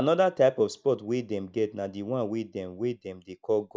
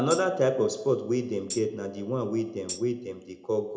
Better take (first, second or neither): first